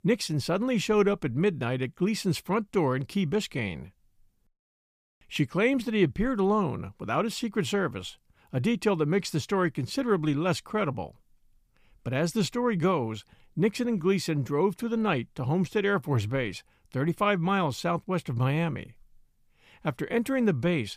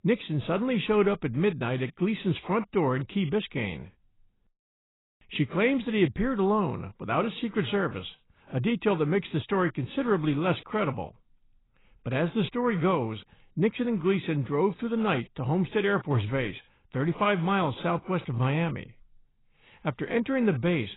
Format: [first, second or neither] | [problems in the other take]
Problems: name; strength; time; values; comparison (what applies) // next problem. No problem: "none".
first | garbled, watery; badly; nothing above 4 kHz